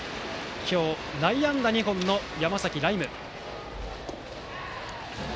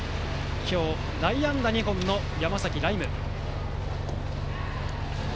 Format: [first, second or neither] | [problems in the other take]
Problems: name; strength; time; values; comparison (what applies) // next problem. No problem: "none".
first | background sound (Bus); as loud as the speech